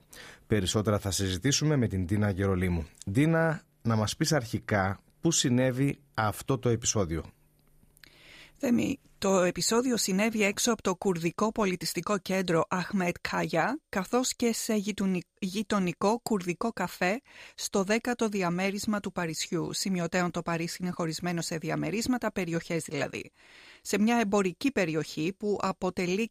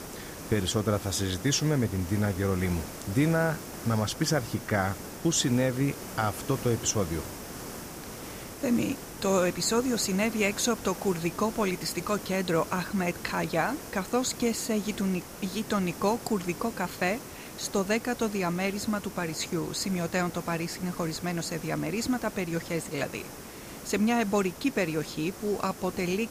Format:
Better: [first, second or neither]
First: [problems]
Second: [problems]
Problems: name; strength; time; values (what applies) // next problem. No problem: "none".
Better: first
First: none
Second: hiss; noticeable; throughout; 10 dB below the speech